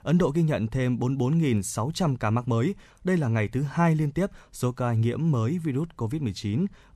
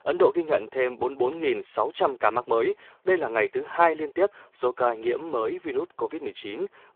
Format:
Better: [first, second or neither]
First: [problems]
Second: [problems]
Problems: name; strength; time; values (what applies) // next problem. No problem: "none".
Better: first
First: none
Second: phone-call audio; poor line